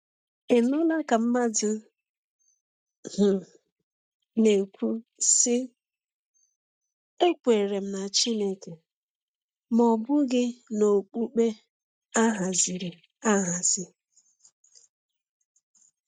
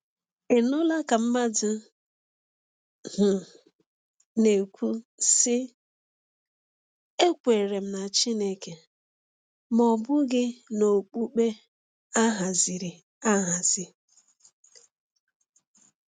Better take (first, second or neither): second